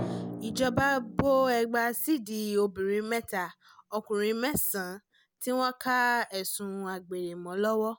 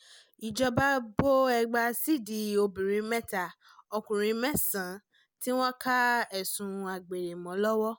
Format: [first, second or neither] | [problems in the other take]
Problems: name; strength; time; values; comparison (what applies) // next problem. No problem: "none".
second | background sound (Drum); 16 dB below the speech